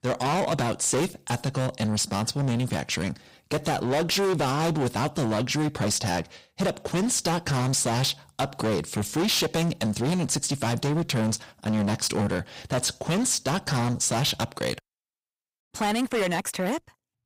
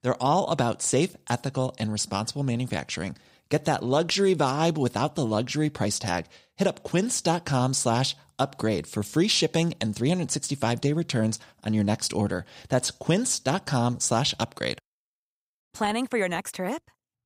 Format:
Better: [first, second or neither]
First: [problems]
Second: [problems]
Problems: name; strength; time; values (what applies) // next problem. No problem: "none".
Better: second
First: distortion; heavy; 21% of the sound clipped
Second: none